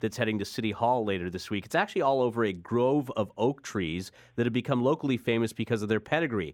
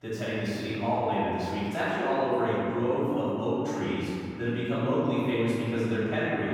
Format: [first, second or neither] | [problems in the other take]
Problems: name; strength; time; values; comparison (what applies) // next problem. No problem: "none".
first | off-mic speech; far // room echo; strong; dies away in 2.5 s